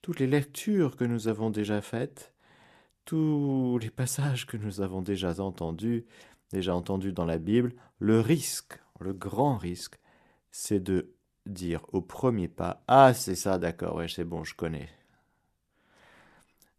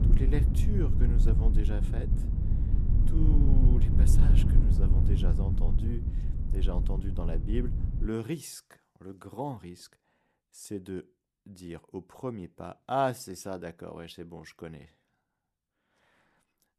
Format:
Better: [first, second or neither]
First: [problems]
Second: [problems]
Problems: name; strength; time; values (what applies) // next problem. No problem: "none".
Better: first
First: none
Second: low rumble; loud; until 8 s; 4 dB below the speech